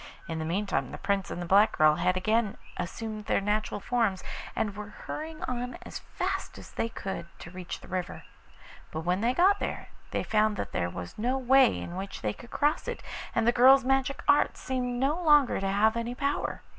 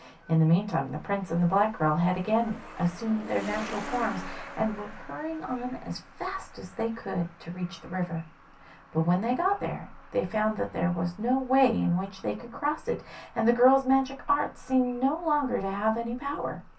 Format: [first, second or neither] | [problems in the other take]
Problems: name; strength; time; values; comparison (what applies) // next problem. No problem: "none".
first | background sound (Truck); 19 dB below the speech // room echo; dies away in 0.3 s